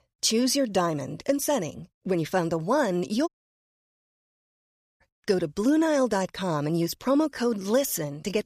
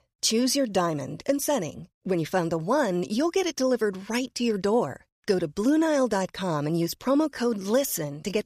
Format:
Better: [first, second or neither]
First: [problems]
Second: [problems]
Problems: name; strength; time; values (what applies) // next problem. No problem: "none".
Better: second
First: audio cutting out; at 3.5 s for 1.5 s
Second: none